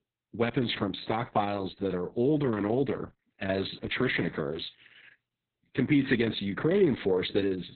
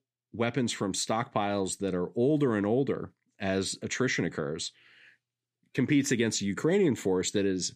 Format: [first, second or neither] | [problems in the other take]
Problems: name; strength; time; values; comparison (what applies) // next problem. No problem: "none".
second | garbled, watery; badly; nothing above 4 kHz